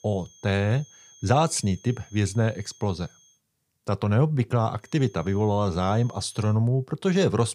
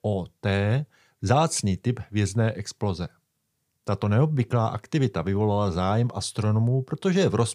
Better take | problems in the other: second | high-pitched whine; faint; until 3.5 s and from 5 to 6.5 s; 6.5 kHz, 25 dB below the speech

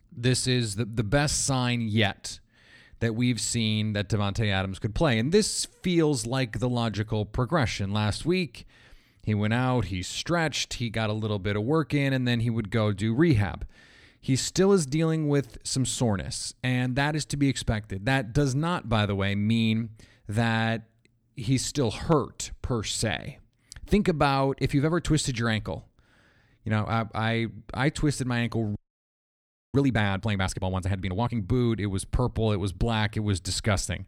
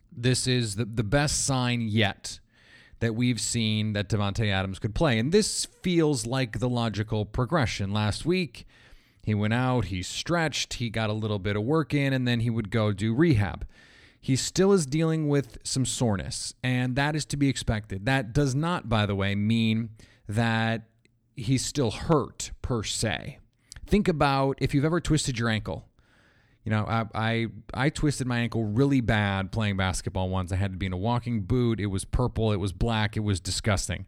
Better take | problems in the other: second | audio freezing; at 29 s for 1 s

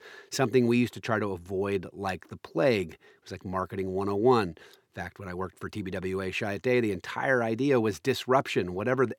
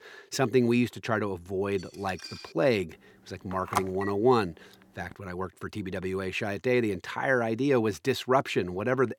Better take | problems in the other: first | clattering dishes; faint; at 2 s; peak 15 dB below the speech // phone ringing; noticeable; at 3.5 s; peak 4 dB below the speech

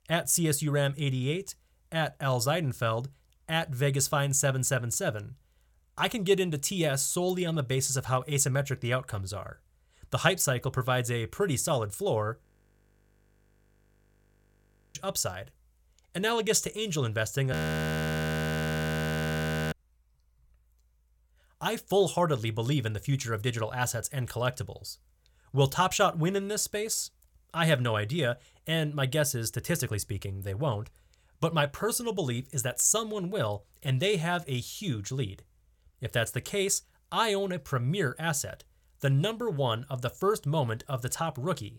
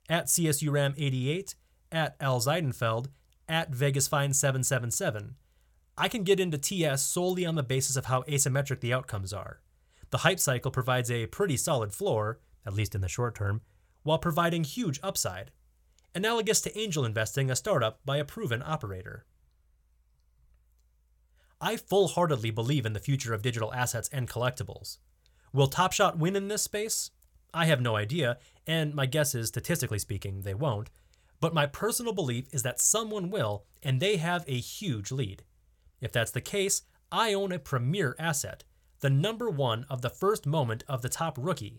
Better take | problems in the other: second | audio freezing; at 12 s for 2.5 s and at 18 s for 2 s

